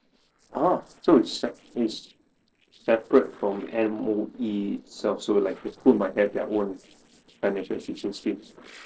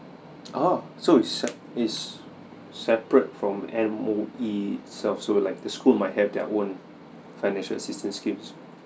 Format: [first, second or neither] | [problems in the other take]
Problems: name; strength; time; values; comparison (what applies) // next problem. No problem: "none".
second | noise reduction (neural separator model SepFormer DNS4)